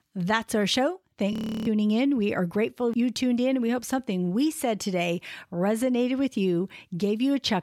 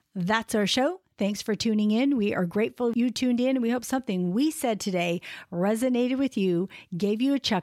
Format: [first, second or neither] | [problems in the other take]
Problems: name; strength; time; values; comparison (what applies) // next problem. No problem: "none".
second | audio freezing; at 1.5 s